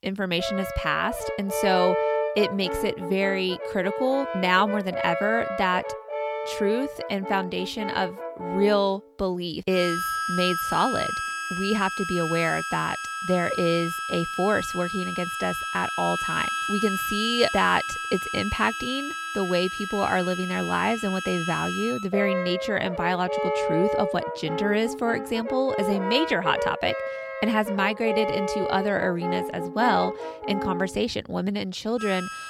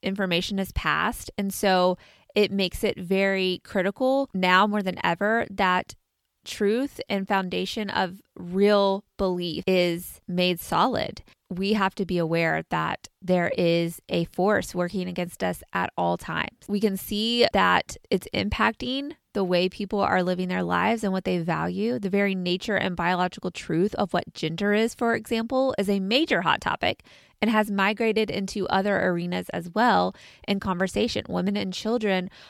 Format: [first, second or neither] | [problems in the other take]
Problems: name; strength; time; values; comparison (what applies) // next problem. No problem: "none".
second | background music; loud; throughout; 4 dB below the speech